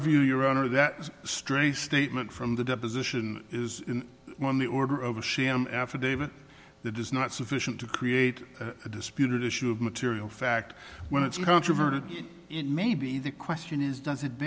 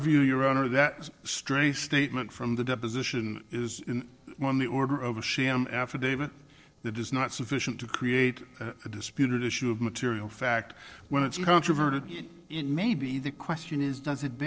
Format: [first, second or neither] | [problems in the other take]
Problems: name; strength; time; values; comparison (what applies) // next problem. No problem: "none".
first | noise reduction (neural separator model SepFormer DNS4)